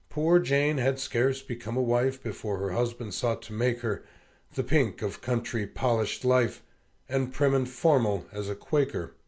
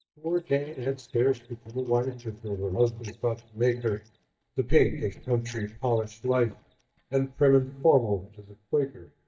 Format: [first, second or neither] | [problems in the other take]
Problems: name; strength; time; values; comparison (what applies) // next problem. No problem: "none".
first | noise reduction (neural mask model DeepFilterNet 3)